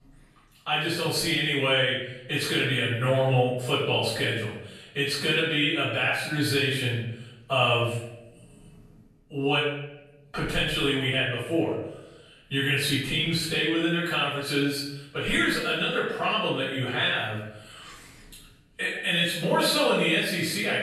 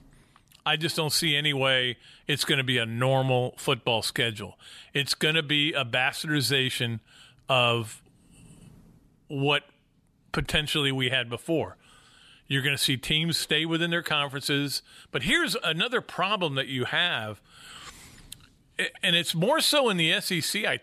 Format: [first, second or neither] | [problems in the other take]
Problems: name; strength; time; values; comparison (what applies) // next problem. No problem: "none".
second | off-mic speech; far // room echo; noticeable; dies away in 0.8 s